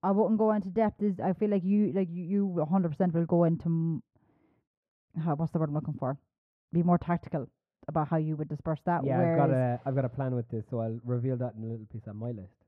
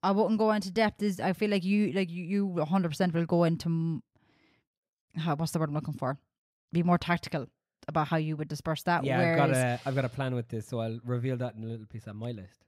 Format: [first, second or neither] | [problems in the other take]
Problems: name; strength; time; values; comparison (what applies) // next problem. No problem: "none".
second | muffled; very; fading above 2 kHz